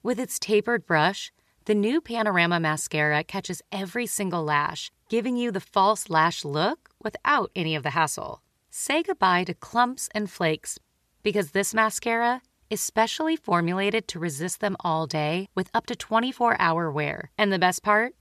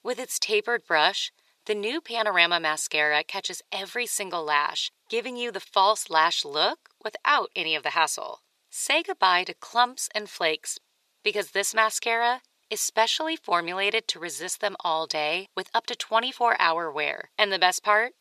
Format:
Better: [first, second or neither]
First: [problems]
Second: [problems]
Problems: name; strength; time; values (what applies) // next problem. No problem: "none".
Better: first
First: none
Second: thin; very; fading below 550 Hz